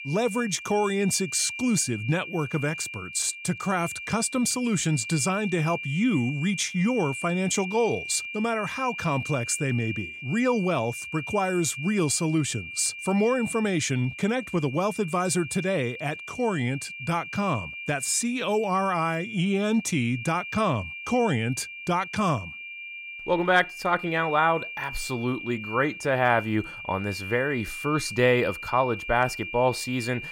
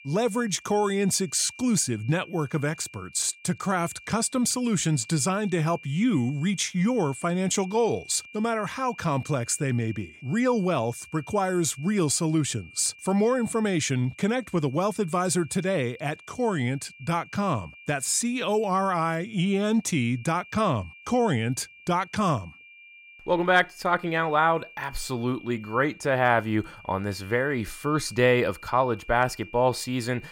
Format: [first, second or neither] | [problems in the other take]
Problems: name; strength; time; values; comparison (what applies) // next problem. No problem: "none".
second | high-pitched whine; loud; throughout; 2.5 kHz, 9 dB below the speech; faint in the second